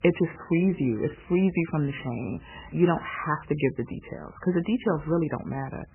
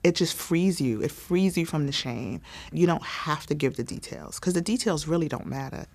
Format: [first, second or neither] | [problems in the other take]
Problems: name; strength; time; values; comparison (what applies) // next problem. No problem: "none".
second | garbled, watery; badly; nothing above 3 kHz